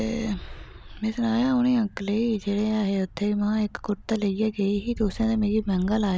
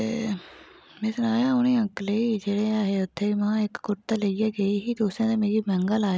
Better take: second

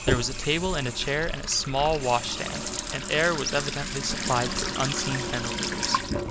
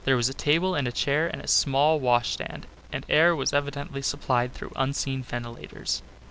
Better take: second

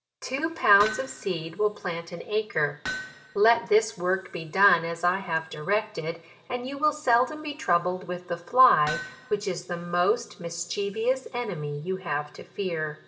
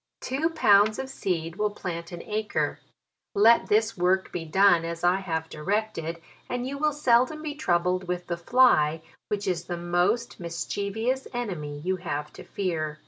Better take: second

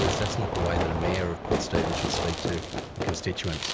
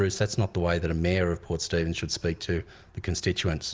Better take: second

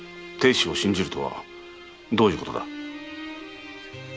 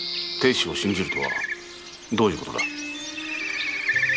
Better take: first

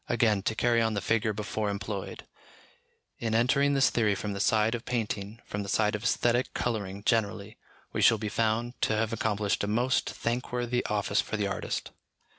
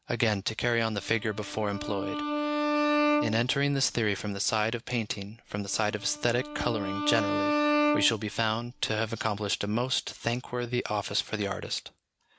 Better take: first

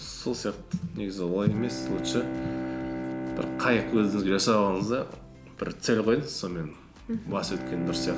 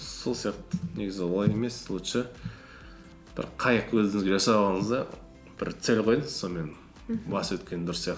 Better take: second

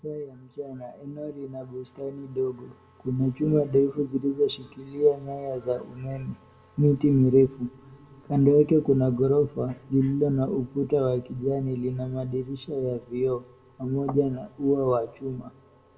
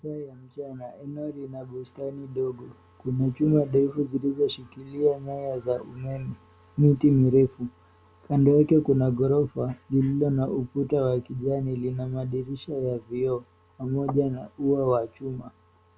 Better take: second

